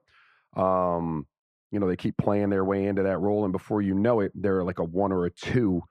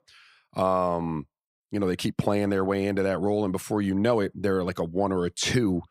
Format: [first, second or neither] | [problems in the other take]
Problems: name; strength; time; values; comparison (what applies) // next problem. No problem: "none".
second | muffled; very; fading above 3 kHz